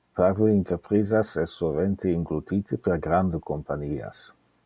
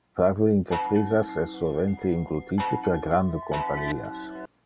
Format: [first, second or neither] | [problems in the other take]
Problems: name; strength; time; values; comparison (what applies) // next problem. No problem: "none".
first | background sound (Chime); 8 dB below the speech